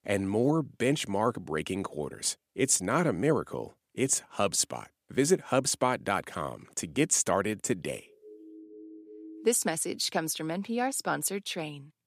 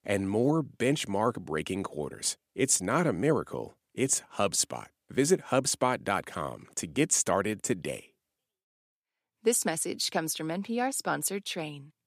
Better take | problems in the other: second | siren; faint; from 8 to 9.5 s; peak 15 dB below the speech

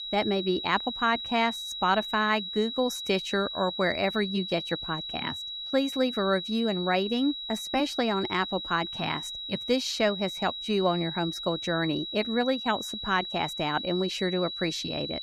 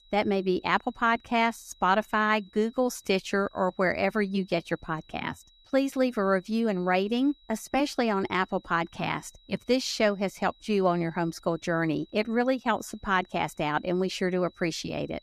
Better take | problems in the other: second | high-pitched whine; loud; throughout; 4 kHz, 5 dB below the speech; faint in the second

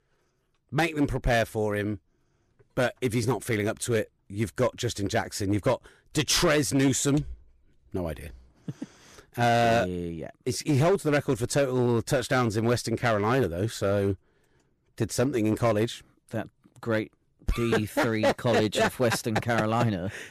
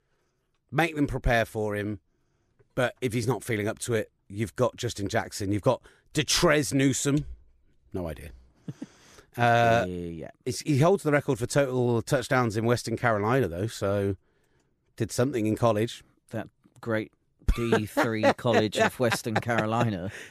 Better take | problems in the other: second | distortion; slight; 5% of the sound clipped

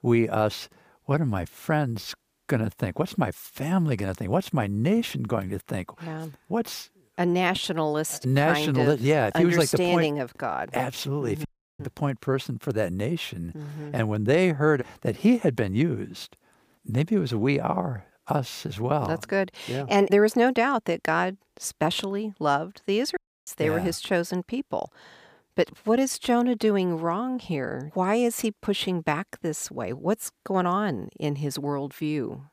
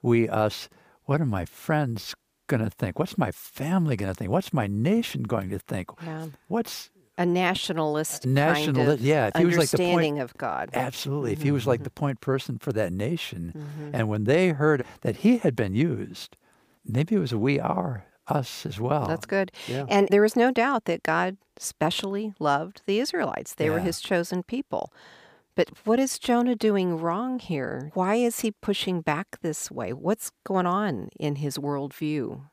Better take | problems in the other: second | audio cutting out; at 11 s and at 23 s

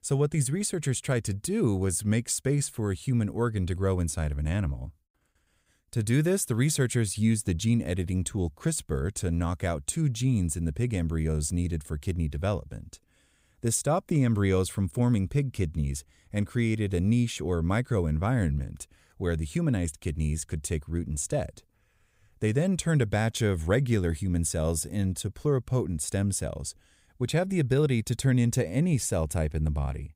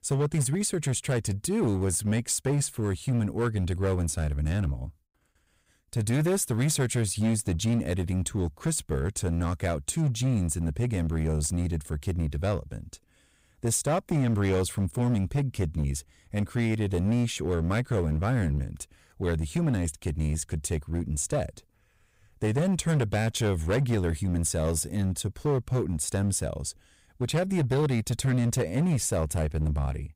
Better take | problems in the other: first | distortion; slight; 10% of the sound clipped

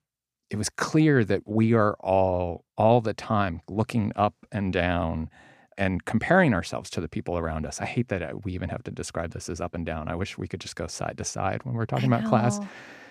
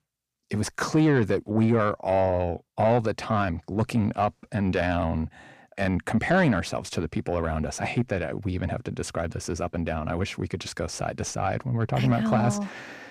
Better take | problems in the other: first | distortion; slight; 10 dB below the speech

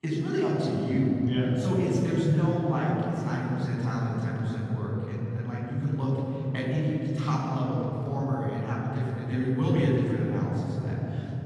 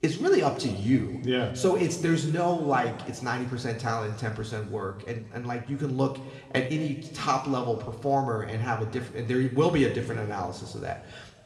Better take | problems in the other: second | room echo; strong; dies away in 3 s; slight in the second // off-mic speech; far; somewhat distant in the second

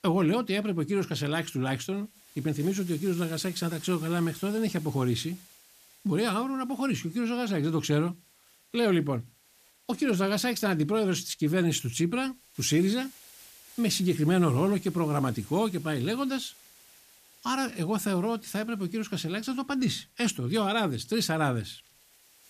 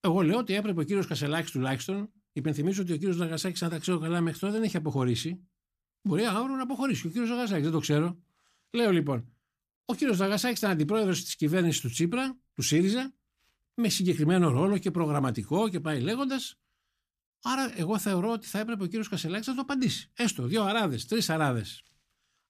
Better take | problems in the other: second | hiss; faint; throughout; 25 dB below the speech

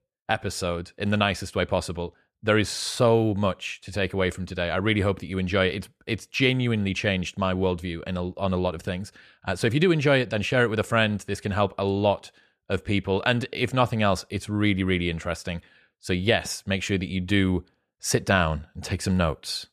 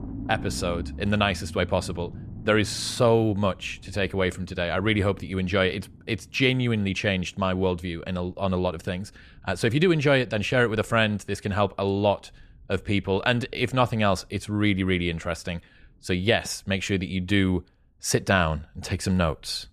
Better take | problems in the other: first | low rumble; faint; throughout; 25 dB below the speech

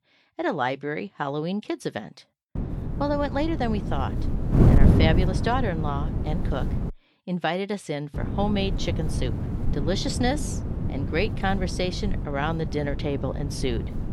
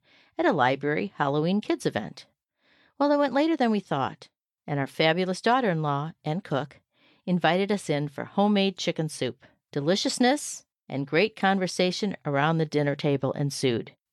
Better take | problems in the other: second | wind noise on the microphone; heavy; from 2.5 to 7 s and from 8 s on; 7 dB below the speech

